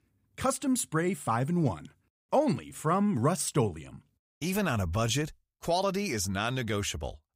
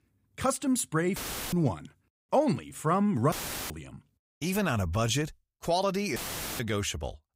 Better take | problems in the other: first | audio cutting out; filled with static; at 1 s, at 3.5 s and at 6 s

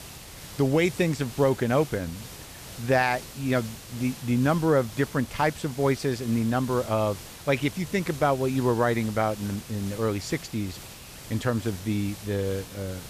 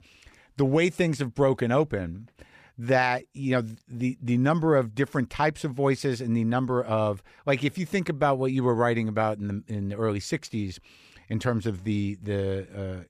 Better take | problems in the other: second | hiss; noticeable; throughout; 15 dB below the speech

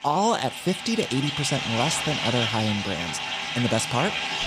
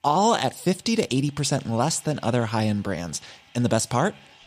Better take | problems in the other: second | household noises; loud; throughout; 1 dB below the speech; faint in the second

